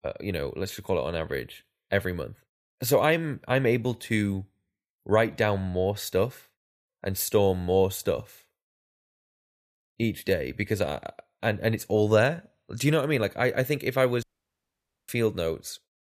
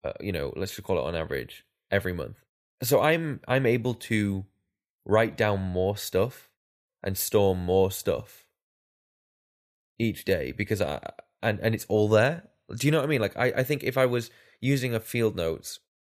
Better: second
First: audio cutting out; at 14 s for 1 s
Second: none

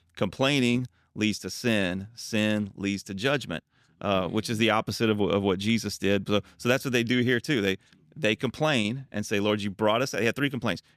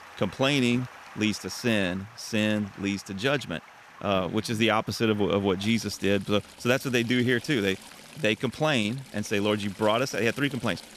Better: first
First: none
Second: rain or running water; noticeable; throughout; 20 dB below the speech

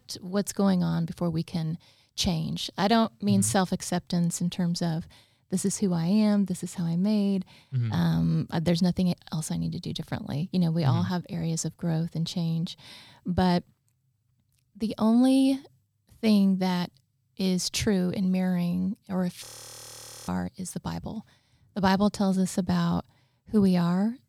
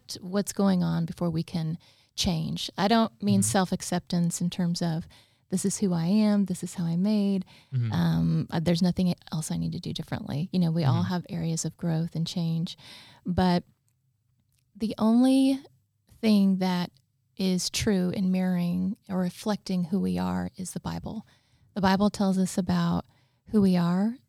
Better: second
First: audio freezing; at 19 s for 1 s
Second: none

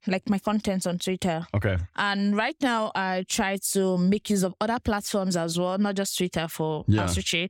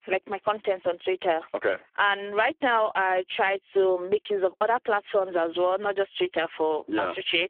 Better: first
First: none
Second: phone-call audio; poor line

